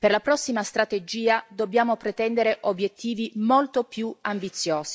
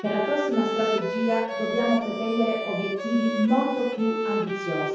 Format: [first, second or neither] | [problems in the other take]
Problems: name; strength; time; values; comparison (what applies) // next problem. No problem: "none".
first | background sound (Bowed string instrument); 4 dB below the speech // room echo; dies away in 0.9 s